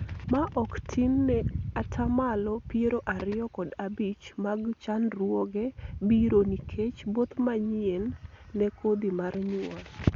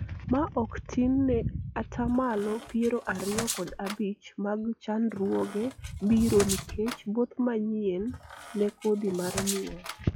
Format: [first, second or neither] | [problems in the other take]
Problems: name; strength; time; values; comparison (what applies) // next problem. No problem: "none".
first | noise reduction (classical method log-MMSE)